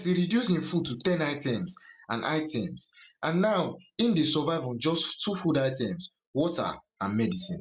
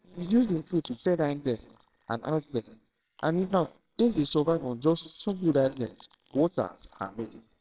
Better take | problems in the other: first | noise reduction (neural separator model SepFormer WHAMR!)

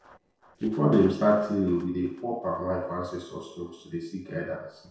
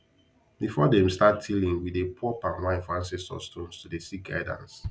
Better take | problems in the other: second | noise reduction (neural separator model SepFormer DNS4)

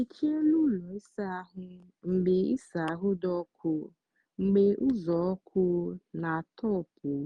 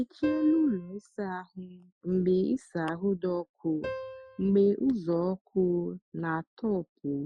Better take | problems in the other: first | noise reduction (classical method Wiener filter)

